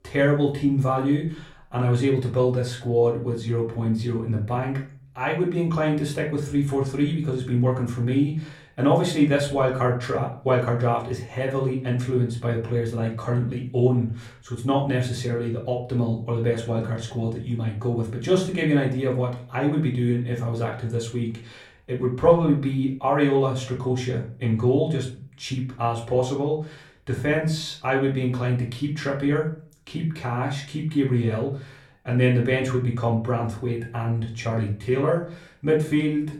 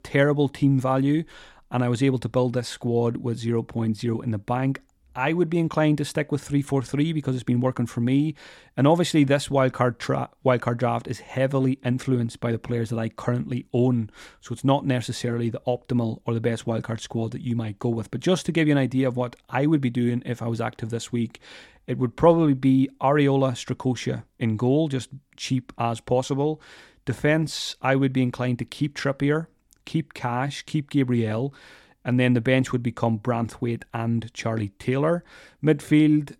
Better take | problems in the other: second | off-mic speech; far // room echo; slight; dies away in 0.4 s

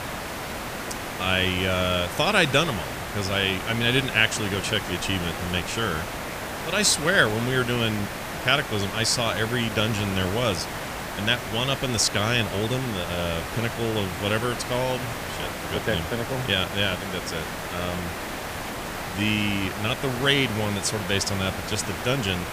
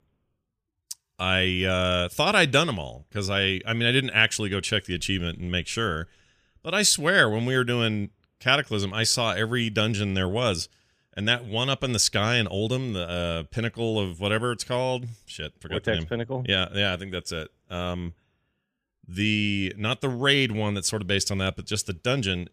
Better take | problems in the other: second | hiss; loud; throughout; 7 dB below the speech

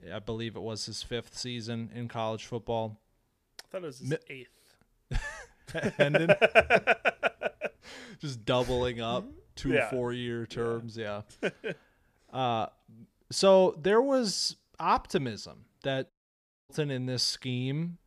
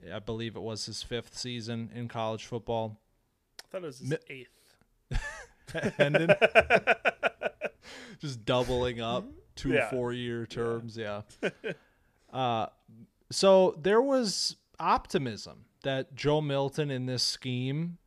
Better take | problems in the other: second | audio cutting out; at 16 s for 0.5 s

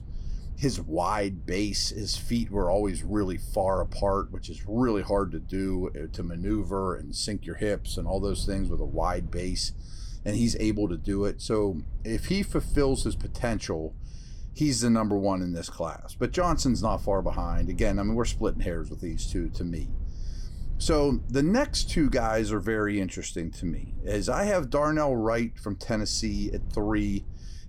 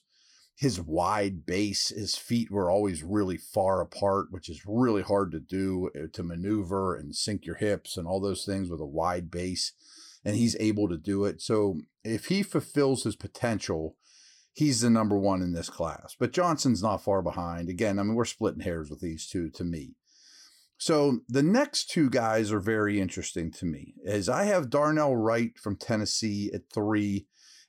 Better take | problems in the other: second | low rumble; faint; throughout; 25 dB below the speech

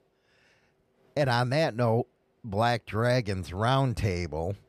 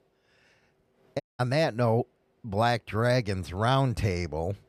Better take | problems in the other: first | audio cutting out; at 1 s

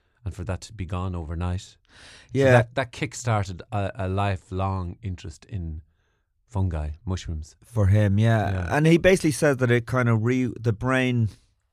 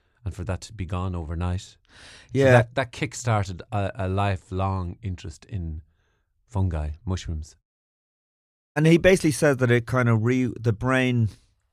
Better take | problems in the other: first | audio cutting out; at 7.5 s for 1 s

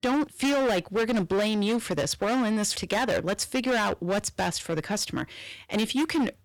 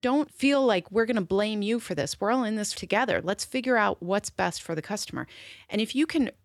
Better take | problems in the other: second | distortion; heavy; 20% of the sound clipped

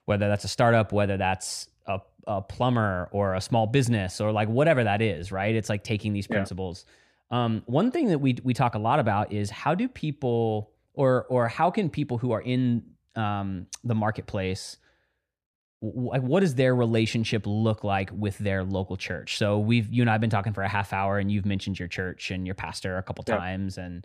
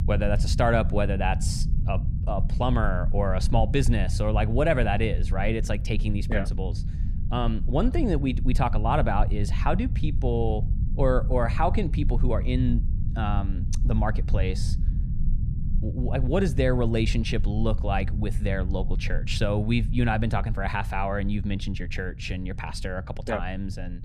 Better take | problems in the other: first | low rumble; noticeable; throughout; 15 dB below the speech

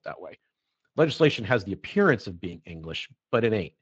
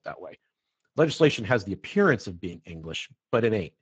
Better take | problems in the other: first | garbled, watery; badly; nothing above 7.5 kHz; slightly in the first

